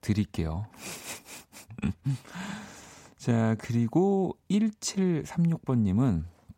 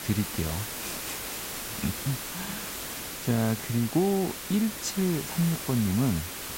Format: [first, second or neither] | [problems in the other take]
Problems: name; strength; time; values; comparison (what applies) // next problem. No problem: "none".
first | hiss; loud; throughout; 5 dB below the speech